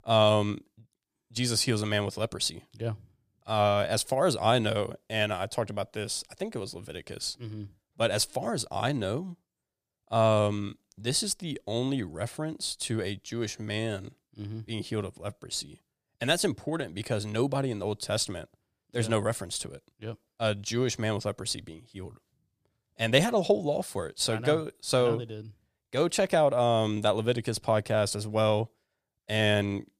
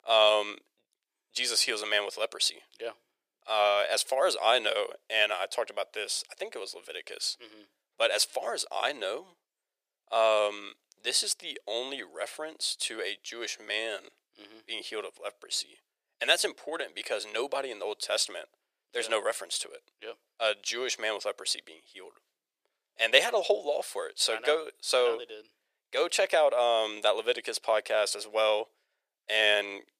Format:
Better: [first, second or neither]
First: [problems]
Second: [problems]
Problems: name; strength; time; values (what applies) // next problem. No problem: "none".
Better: first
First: none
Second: thin; very; fading below 450 Hz